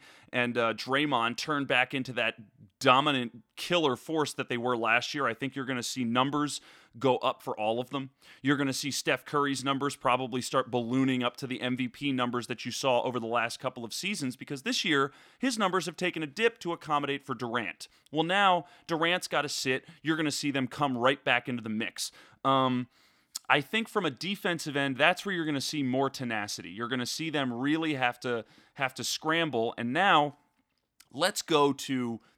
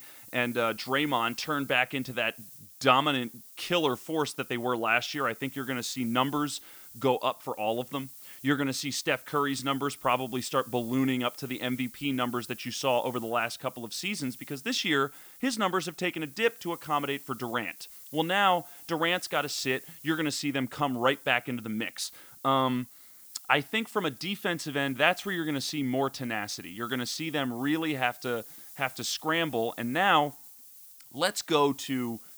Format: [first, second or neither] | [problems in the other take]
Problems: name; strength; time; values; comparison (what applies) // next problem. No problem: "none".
first | hiss; noticeable; throughout; 15 dB below the speech